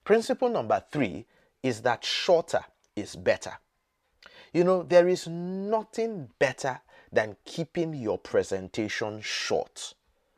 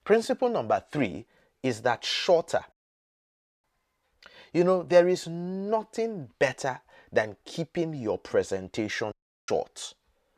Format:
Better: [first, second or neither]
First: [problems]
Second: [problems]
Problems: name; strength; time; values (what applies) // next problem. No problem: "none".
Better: first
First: none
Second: audio cutting out; at 2.5 s for 1 s and at 9 s